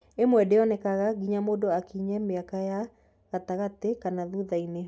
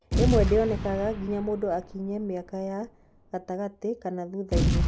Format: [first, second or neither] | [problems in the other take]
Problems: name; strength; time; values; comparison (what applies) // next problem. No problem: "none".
first | background sound (Boom); 1 dB below the speech